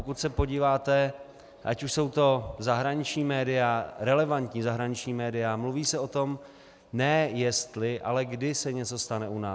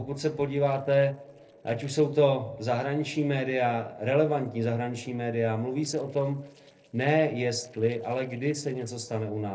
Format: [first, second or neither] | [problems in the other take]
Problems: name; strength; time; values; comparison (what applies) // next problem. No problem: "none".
first | noise reduction (neural separator model SepFormer DNS4)